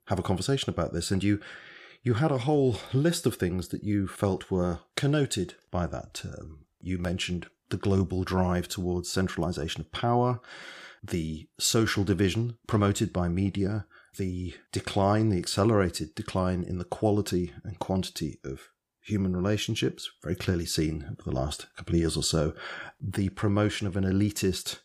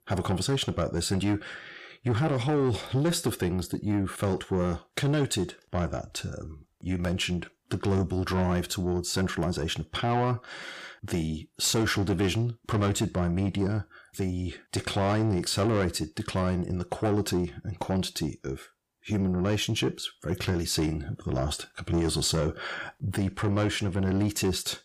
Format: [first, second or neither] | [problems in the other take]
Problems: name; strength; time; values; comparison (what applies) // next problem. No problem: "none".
first | distortion; slight; 10 dB below the speech